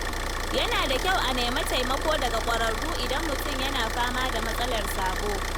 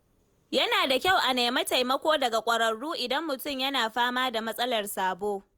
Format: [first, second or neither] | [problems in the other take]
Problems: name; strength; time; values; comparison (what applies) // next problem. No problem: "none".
second | background sound (Idling / Car); 1 dB above the speech